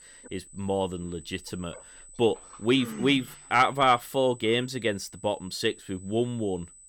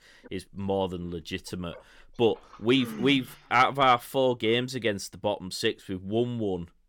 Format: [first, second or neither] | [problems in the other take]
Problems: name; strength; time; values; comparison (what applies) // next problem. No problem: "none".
second | high-pitched whine; faint; throughout; 8 kHz, 20 dB below the speech